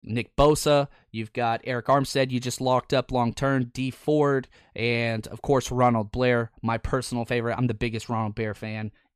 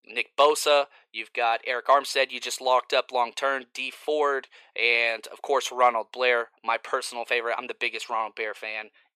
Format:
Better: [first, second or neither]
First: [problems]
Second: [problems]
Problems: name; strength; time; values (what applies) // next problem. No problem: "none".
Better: first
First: none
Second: thin; very; fading below 450 Hz